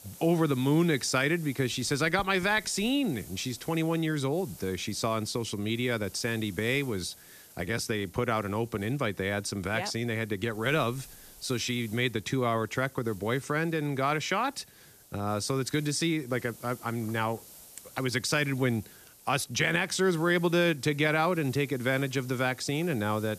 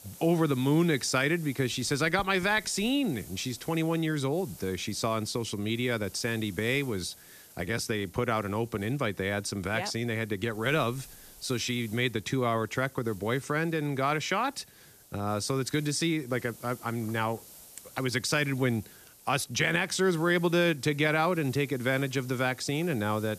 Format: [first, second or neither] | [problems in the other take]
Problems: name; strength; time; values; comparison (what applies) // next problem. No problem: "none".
neither | hiss; faint; throughout; 20 dB below the speech; the same in both